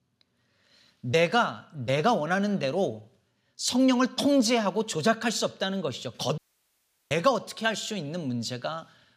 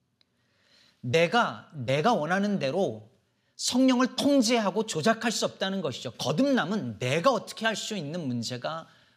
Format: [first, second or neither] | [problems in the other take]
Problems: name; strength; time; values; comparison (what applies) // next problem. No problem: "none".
second | audio cutting out; at 6.5 s for 0.5 s